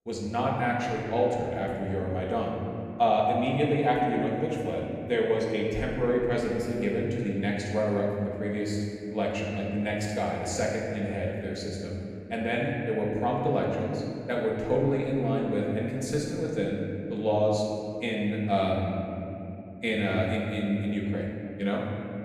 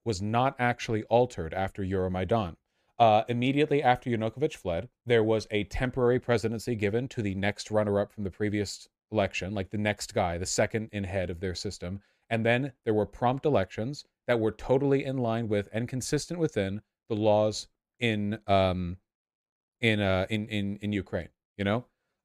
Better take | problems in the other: second | room echo; noticeable; dies away in 2.8 s // off-mic speech; far

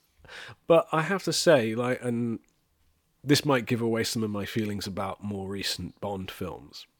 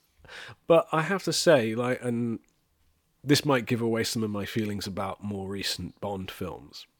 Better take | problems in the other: neither | none

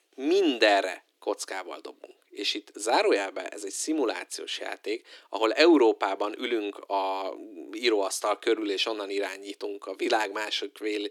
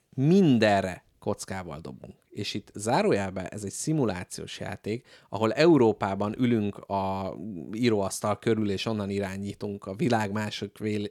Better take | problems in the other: second | thin; somewhat; fading below 300 Hz

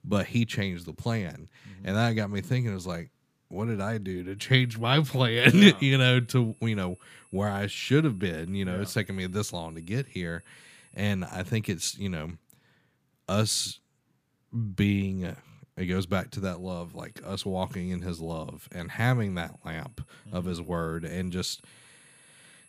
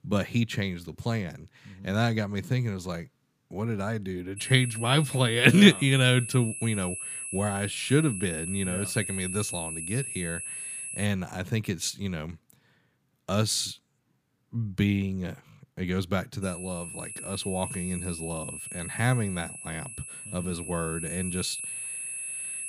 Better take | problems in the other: first | high-pitched whine; loud; from 4.5 to 11 s and from 16 s on; 10.5 kHz, 7 dB below the speech; faint in the first

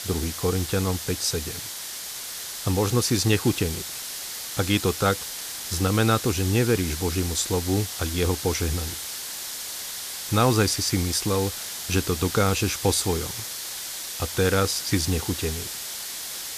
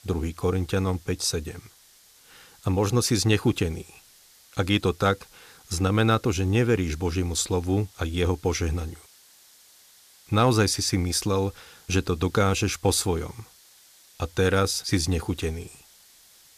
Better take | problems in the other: second | hiss; loud; throughout; 6 dB below the speech; faint in the second

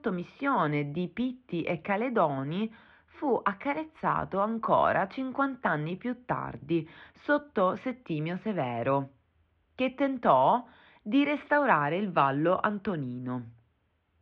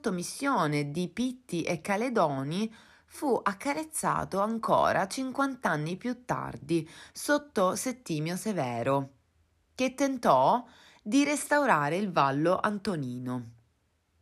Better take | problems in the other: second | muffled; very; fading above 3 kHz

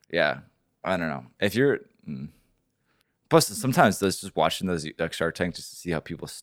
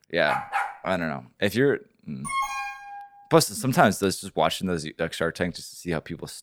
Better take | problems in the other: first | dog barking; noticeable; at 0.5 s; peak 2 dB below the speech // alarm; noticeable; at 2.5 s; peak 2 dB below the speech

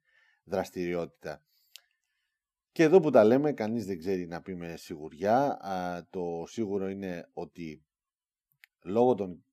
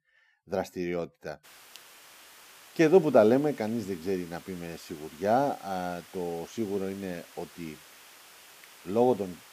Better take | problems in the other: first | hiss; faint; from 1.5 s on; 20 dB below the speech

